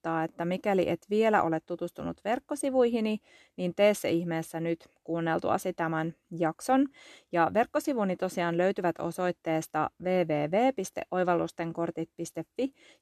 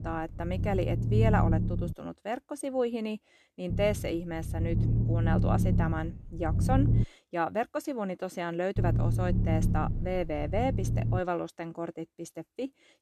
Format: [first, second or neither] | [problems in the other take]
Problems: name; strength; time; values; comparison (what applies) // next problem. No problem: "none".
first | low rumble; loud; until 2 s, from 3.5 to 7 s and from 9 to 11 s; 7 dB below the speech